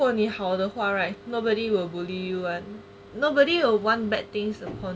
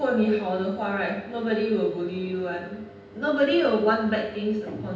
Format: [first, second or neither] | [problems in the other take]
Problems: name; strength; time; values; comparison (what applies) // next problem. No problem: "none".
first | room echo; dies away in 0.8 s